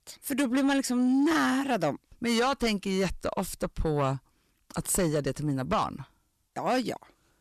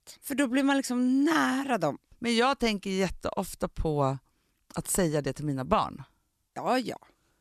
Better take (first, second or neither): second